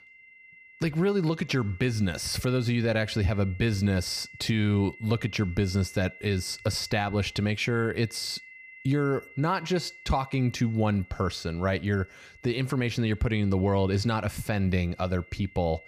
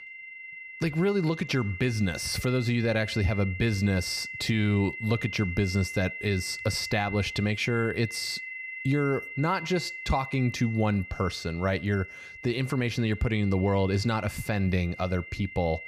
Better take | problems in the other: first | high-pitched whine; loud; throughout; 2 kHz, 10 dB below the speech; faint in the first

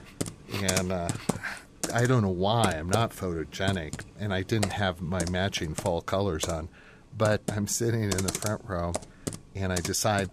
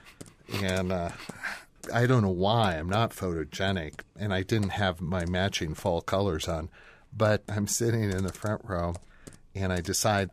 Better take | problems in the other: second | household noises; loud; throughout; 6 dB below the speech; faint in the second

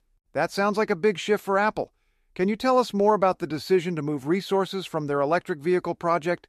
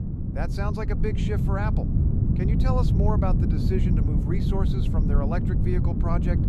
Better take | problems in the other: first | low rumble; loud; throughout; 2 dB below the speech

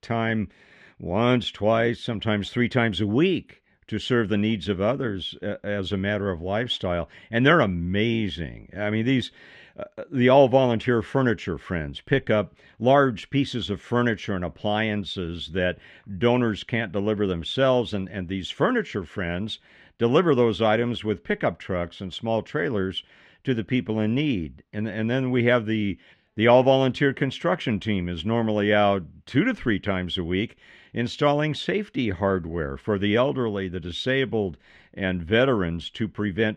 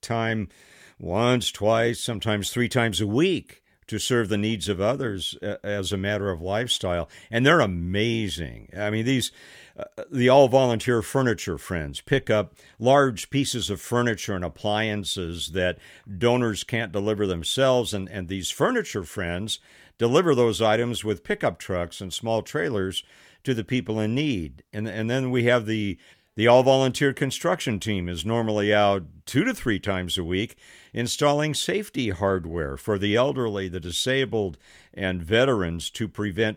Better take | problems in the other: second | muffled; slightly; fading above 3 kHz

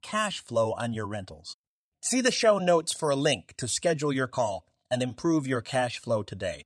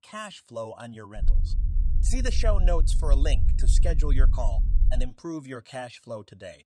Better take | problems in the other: first | low rumble; noticeable; from 1 to 5 s; 10 dB below the speech

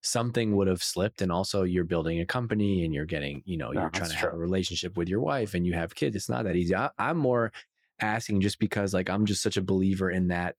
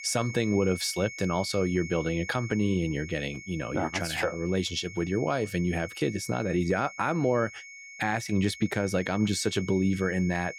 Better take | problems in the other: first | high-pitched whine; noticeable; throughout; 2 kHz, 15 dB below the speech

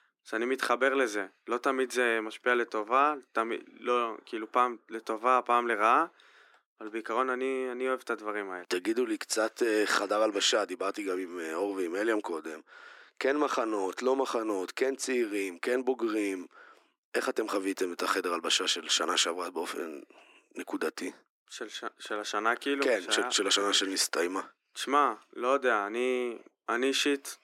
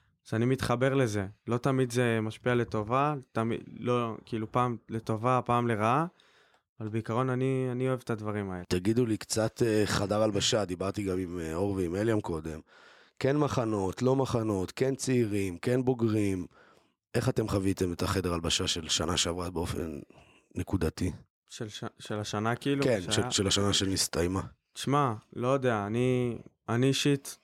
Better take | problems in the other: second | thin; somewhat; fading below 300 Hz

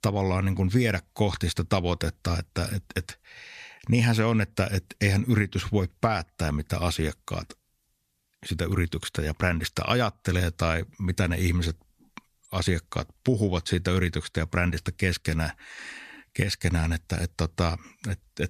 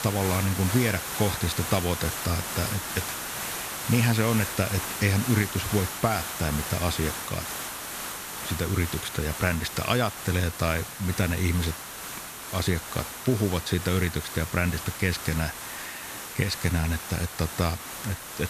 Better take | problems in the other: first | hiss; loud; throughout; 5 dB below the speech

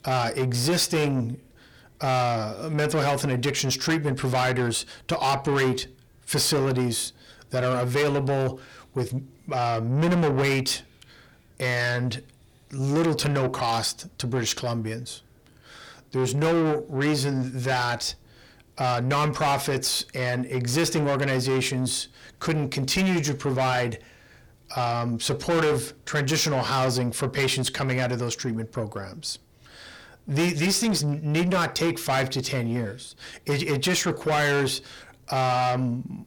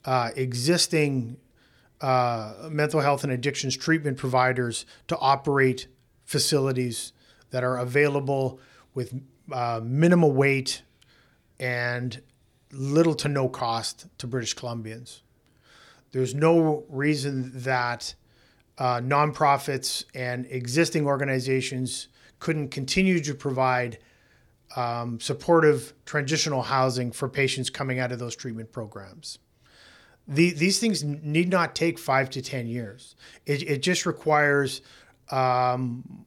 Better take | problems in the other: second | distortion; heavy; 6 dB below the speech

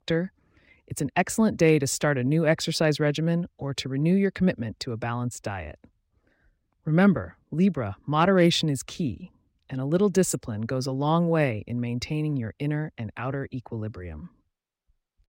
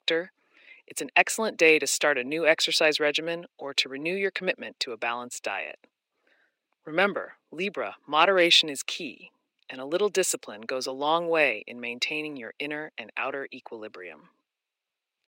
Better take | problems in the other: first | thin; very; fading below 400 Hz

